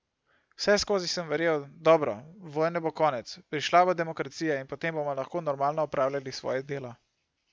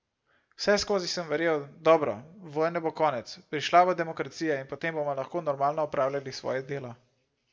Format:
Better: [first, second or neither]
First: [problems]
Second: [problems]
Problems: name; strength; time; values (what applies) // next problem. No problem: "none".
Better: first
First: none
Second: room echo; dies away in 0.4 s